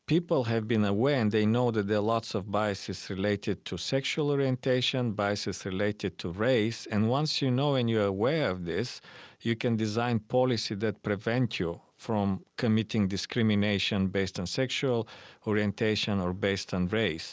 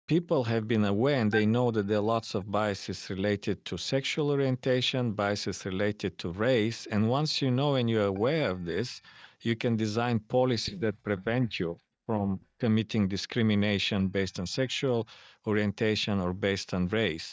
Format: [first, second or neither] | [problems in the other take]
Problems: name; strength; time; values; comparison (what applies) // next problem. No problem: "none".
first | noise reduction (neural mask model DeepFilterNet 3)